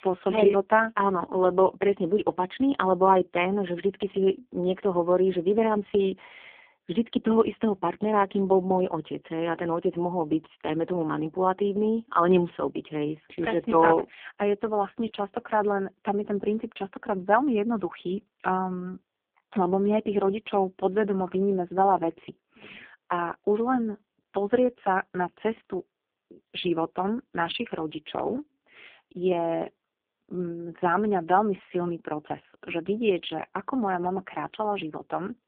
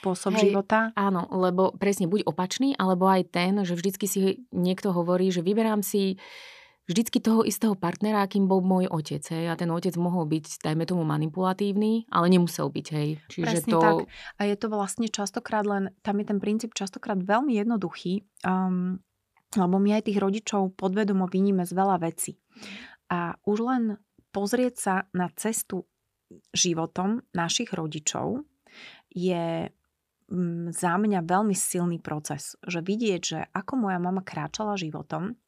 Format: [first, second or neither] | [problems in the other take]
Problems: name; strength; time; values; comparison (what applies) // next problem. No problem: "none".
second | phone-call audio; poor line